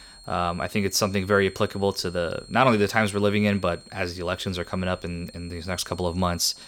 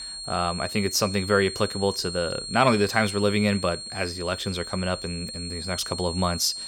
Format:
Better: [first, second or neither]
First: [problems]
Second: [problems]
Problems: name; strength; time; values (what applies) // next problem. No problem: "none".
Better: first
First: high-pitched whine; faint; throughout; 4.5 kHz, 20 dB below the speech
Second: high-pitched whine; loud; throughout; 4.5 kHz, 8 dB below the speech